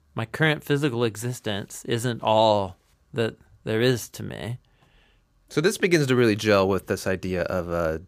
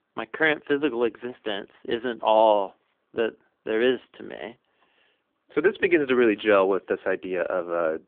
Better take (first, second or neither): first